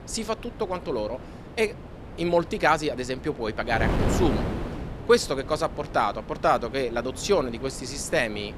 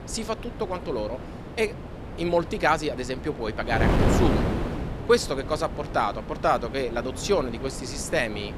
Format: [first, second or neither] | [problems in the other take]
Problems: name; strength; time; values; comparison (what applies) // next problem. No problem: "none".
first | wind noise on the microphone; heavy; 8 dB below the speech; occasional gusts in the first